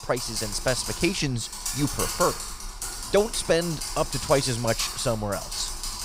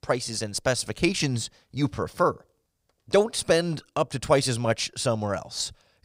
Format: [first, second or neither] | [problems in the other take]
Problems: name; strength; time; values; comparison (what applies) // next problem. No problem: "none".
second | keyboard typing; noticeable; peak 1 dB below the speech